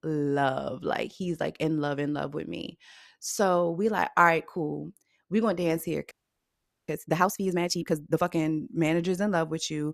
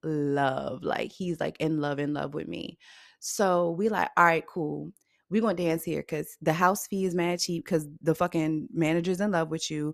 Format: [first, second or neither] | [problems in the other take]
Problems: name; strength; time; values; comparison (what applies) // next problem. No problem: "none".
second | audio freezing; at 6 s for 1 s